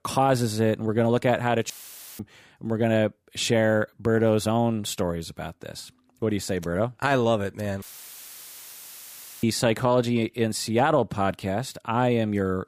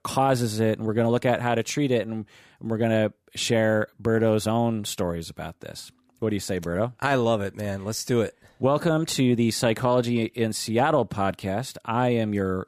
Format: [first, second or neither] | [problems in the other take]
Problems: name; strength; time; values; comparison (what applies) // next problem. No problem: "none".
second | audio cutting out; filled with static; at 1.5 s and at 8 s for 1.5 s